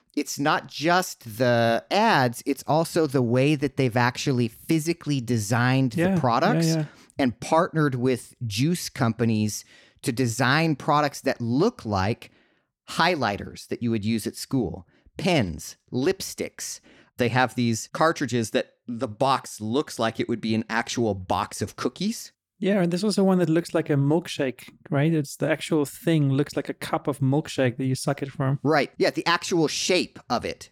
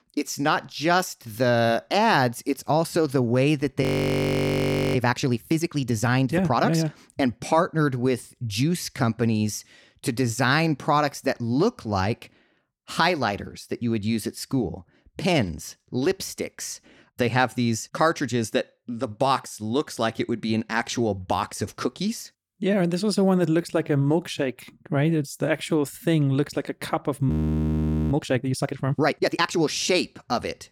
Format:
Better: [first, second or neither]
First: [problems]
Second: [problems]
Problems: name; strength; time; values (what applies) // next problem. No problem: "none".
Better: first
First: none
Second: audio freezing; at 4 s for 1 s and at 27 s for 1 s